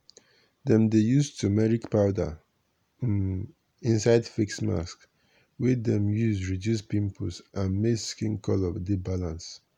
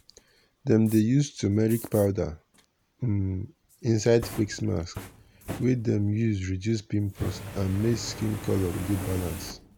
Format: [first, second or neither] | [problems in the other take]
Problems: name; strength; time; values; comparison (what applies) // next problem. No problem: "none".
first | background sound (Fire); 14 dB below the speech